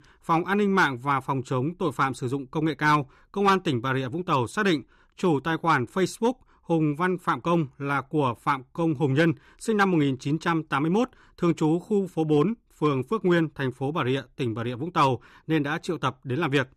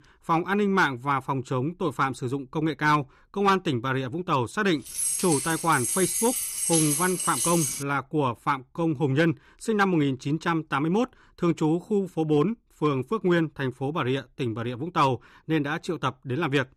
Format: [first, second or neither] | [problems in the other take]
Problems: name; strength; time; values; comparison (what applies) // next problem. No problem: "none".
first | jangling keys; loud; from 5 to 8 s; peak 3 dB above the speech